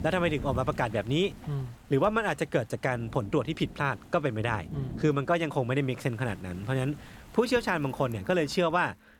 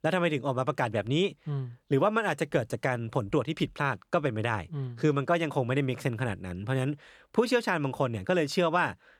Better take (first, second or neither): second